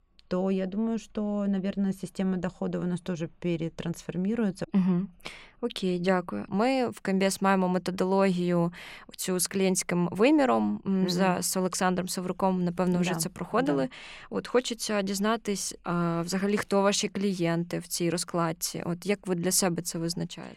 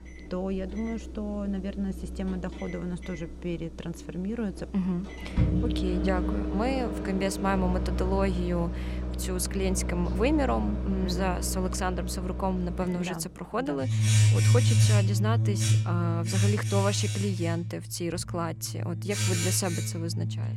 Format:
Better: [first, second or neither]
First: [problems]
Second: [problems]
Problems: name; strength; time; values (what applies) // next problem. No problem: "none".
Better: first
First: none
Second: household noises; very loud; throughout; 3 dB above the speech